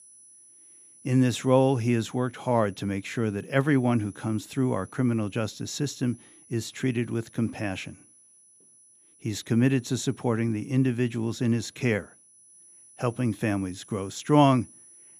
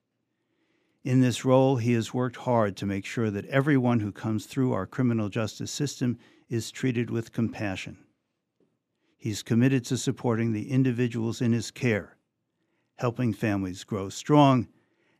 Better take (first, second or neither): second